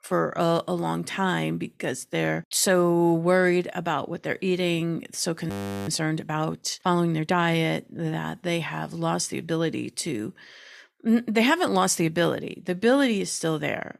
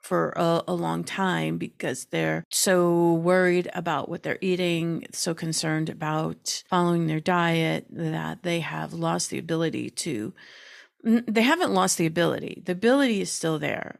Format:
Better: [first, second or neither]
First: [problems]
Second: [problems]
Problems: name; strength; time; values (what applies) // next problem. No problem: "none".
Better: second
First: audio freezing; at 5.5 s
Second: none